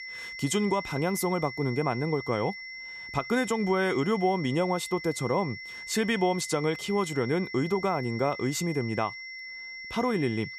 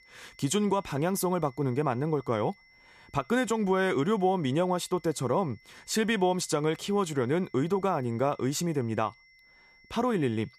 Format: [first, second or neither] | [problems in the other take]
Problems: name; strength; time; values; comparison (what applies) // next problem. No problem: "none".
second | high-pitched whine; loud; throughout; 2 kHz, 10 dB below the speech; faint in the second